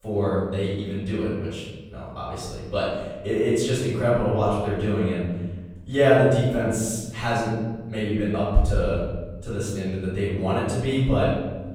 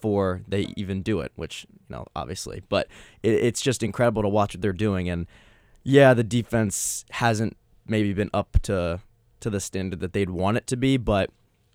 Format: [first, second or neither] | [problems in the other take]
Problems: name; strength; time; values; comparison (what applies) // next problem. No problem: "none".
second | off-mic speech; far // room echo; strong; dies away in 1.2 s